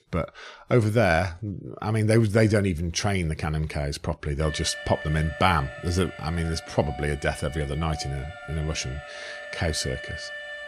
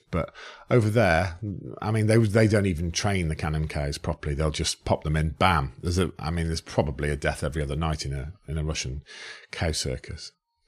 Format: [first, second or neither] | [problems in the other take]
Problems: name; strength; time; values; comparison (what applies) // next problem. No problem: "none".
second | alarm; noticeable; from 4.5 s on; peak 9 dB below the speech